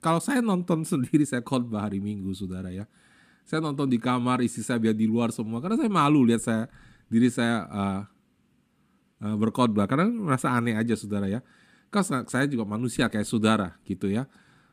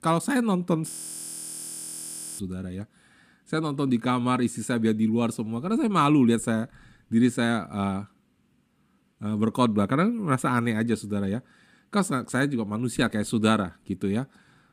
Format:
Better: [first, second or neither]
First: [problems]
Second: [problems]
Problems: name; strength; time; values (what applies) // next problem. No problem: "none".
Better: first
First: none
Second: audio freezing; at 1 s for 1.5 s